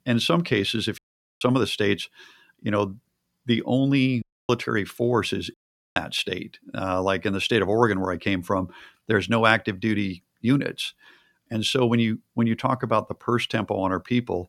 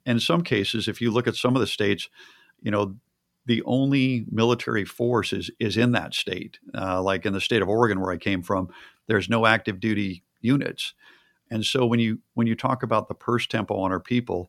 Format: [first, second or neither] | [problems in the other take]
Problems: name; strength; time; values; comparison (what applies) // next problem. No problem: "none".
second | audio cutting out; at 1 s, at 4 s and at 5.5 s